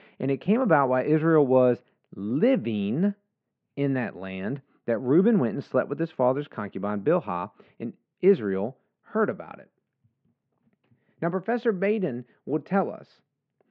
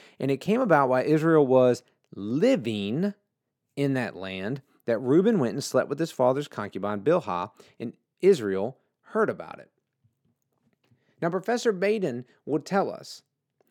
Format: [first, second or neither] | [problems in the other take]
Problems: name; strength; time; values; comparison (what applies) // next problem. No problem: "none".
second | muffled; very; fading above 3 kHz